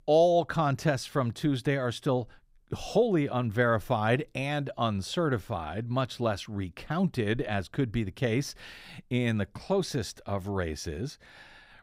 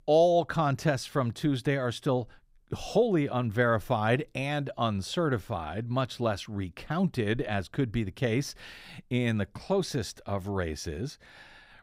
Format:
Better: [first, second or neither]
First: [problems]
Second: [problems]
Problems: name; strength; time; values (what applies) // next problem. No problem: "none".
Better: neither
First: none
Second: none